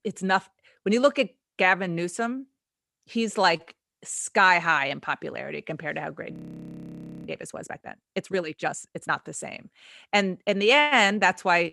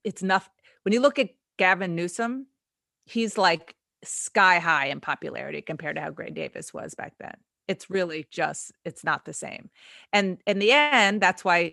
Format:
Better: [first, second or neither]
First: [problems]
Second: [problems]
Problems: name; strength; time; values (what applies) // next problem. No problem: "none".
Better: second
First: audio freezing; at 6.5 s for 1 s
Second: none